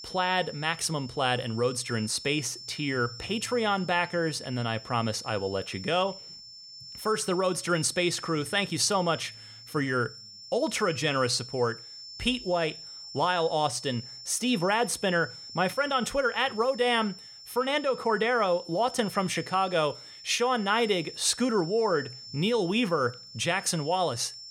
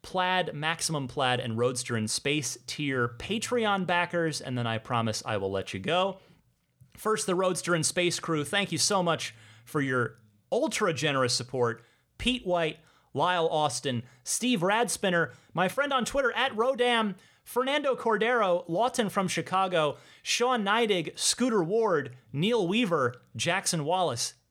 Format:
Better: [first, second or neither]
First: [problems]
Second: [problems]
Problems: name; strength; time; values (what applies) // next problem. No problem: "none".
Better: second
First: high-pitched whine; noticeable; throughout; 5.5 kHz, 15 dB below the speech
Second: none